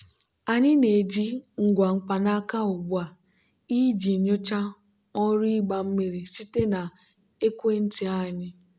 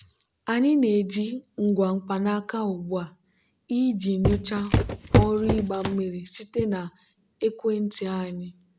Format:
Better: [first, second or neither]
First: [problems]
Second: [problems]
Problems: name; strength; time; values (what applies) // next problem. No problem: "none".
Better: first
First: none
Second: background sound (Walk, footsteps); 2 dB above the speech